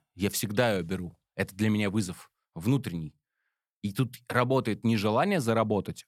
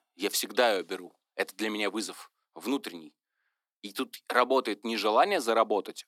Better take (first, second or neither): first